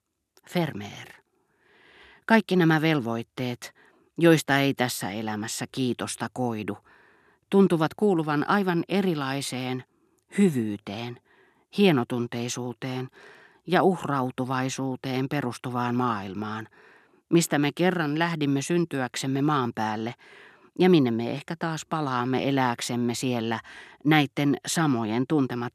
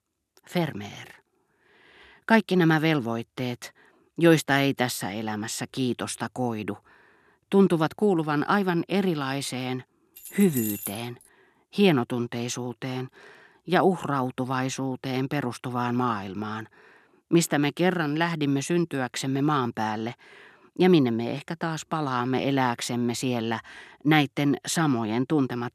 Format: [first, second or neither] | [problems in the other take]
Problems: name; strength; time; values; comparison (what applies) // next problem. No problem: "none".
first | jangling keys; noticeable; at 10 s; peak 5 dB below the speech